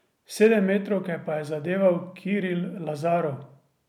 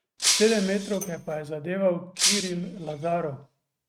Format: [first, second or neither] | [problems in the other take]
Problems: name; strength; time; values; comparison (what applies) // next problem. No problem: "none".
first | noise reduction (neural mask model RNNoise)